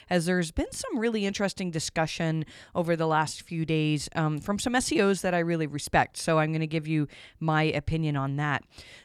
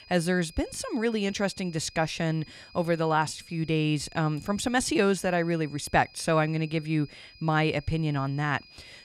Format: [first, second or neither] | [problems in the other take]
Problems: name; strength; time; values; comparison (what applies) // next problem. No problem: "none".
first | high-pitched whine; faint; throughout; 5 kHz, 25 dB below the speech